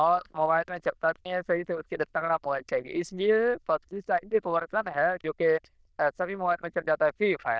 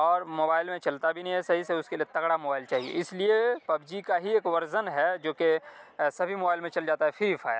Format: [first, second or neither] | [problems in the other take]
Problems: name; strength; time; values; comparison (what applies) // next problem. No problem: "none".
second | noise reduction (neural diffusion model UNIVERSE++)